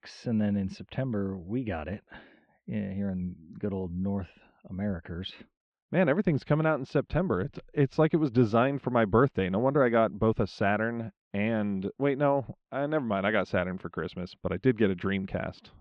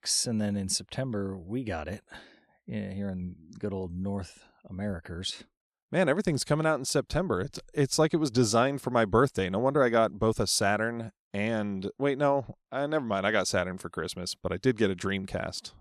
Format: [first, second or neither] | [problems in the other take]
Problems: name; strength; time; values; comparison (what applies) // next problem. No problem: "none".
second | muffled; very; fading above 3 kHz